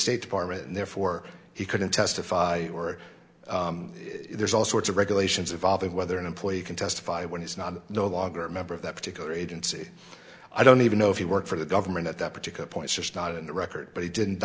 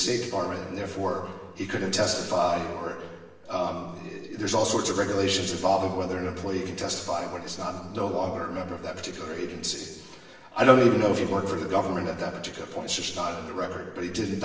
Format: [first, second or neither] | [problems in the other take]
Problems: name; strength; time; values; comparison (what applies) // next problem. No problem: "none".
first | room echo; dies away in 1.2 s